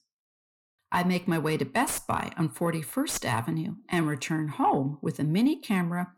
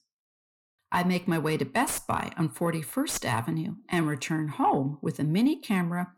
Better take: neither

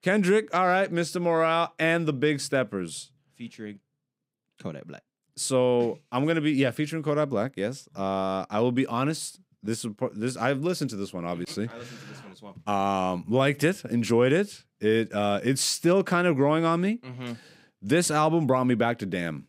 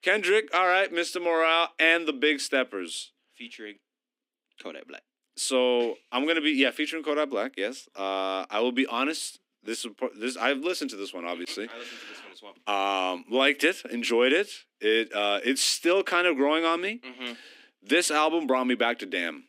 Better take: first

